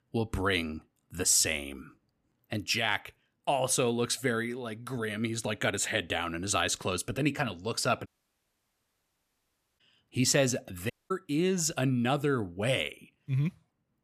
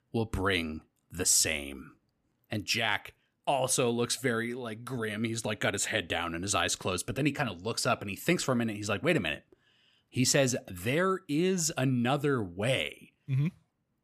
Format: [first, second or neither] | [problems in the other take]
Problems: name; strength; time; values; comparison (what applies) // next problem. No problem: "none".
second | audio cutting out; at 8 s for 1.5 s and at 11 s